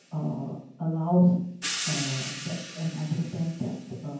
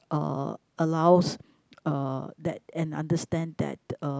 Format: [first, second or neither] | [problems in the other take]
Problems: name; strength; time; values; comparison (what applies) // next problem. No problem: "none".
second | background sound (Hi-hat); 10 dB below the speech // room echo; dies away in 0.9 s